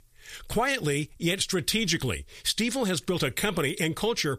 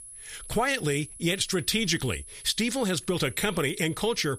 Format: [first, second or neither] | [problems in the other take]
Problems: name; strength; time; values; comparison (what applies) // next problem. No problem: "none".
first | high-pitched whine; noticeable; throughout; 10.5 kHz, 15 dB below the speech